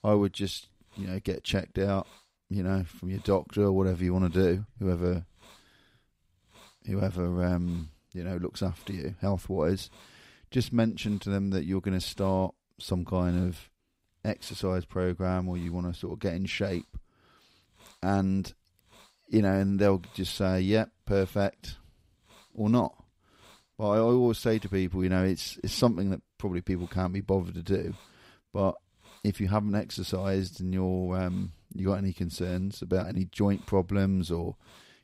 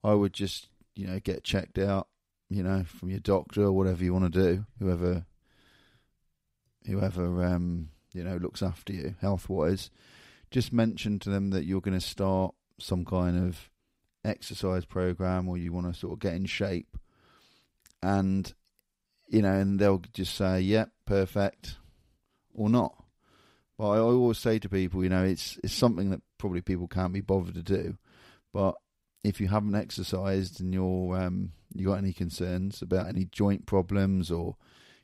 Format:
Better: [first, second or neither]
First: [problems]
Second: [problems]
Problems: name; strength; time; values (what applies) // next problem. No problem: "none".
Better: second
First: hiss; faint; throughout; 30 dB below the speech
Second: none